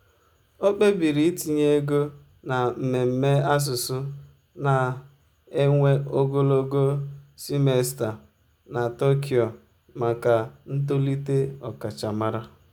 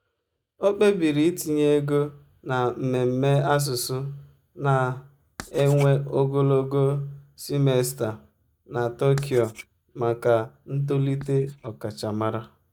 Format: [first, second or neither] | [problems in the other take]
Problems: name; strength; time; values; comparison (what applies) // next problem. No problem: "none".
first | noise reduction (neural mask model DeepFilterNet 3)